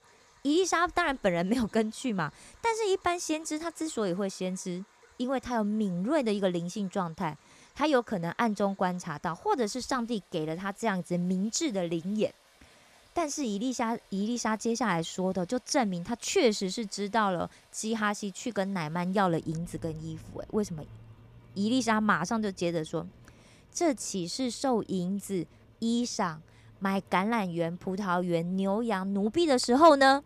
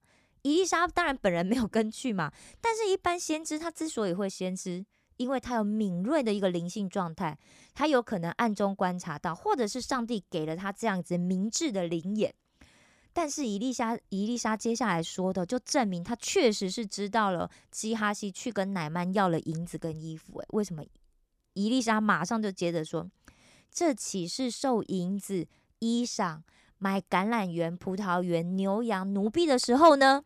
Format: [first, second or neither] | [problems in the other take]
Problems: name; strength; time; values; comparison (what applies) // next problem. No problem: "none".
second | rain or running water; faint; throughout; 30 dB below the speech